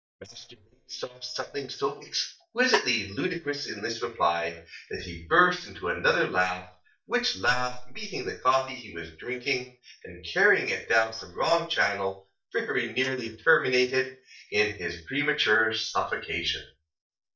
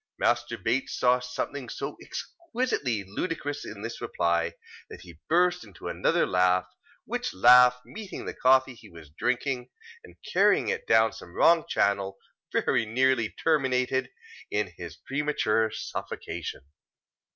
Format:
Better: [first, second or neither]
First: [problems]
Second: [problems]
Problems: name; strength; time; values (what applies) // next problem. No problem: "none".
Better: second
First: noise reduction (neural mask model DeepFilterNet 3)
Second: none